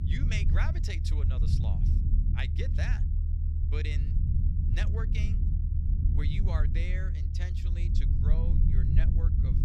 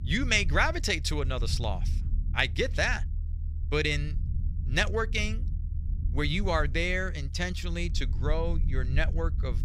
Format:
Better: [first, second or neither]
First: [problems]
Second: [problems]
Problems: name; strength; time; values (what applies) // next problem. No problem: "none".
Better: second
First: low rumble; loud; throughout; 3 dB below the speech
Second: low rumble; faint; throughout; 20 dB below the speech